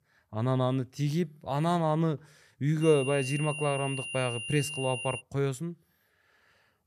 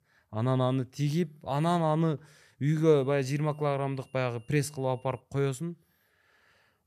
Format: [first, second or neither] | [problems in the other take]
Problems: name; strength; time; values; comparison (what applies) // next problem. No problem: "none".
second | high-pitched whine; loud; from 3 to 5 s; 3 kHz, 6 dB below the speech; faint in the second